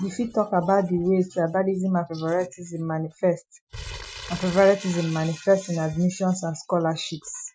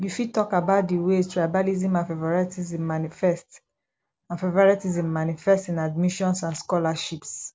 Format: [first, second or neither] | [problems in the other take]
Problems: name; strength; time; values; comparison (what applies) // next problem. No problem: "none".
second | noise reduction (classical method Wiener filter)